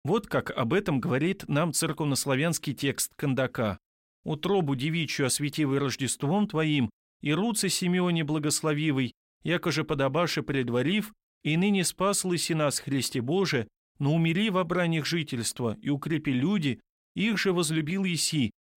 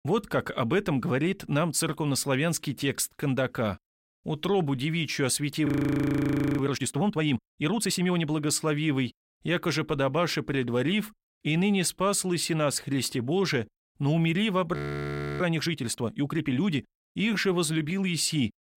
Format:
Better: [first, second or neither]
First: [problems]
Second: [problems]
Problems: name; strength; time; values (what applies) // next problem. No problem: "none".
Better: first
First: none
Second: audio freezing; at 5.5 s for 1 s and at 15 s for 0.5 s